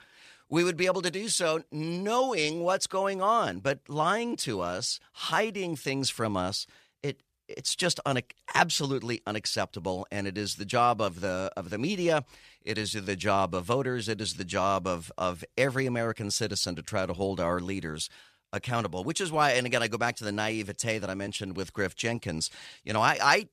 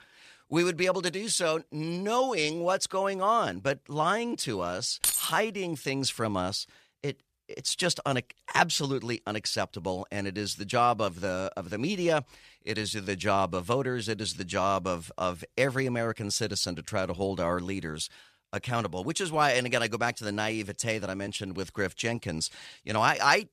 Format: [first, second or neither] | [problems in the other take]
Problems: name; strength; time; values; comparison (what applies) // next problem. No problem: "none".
first | jangling keys; loud; at 5 s; peak 3 dB above the speech